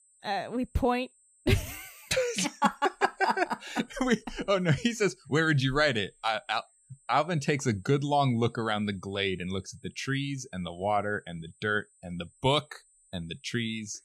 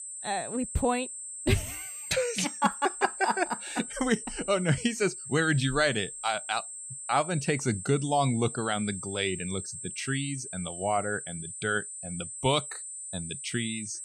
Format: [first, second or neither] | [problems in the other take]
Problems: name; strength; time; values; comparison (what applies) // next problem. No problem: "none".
first | high-pitched whine; loud; throughout; 8.5 kHz, 8 dB below the speech; faint in the first